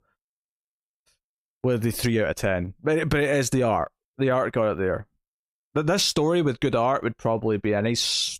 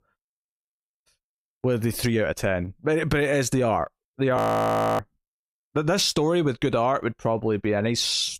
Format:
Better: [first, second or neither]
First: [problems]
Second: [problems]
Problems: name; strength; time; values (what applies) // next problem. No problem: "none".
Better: first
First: none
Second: audio freezing; at 4.5 s for 0.5 s